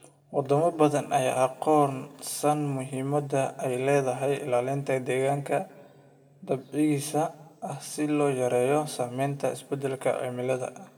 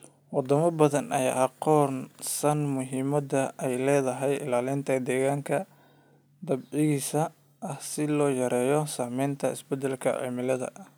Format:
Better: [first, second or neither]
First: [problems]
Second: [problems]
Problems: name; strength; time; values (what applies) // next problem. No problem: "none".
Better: second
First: room echo; dies away in 0.3 s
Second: none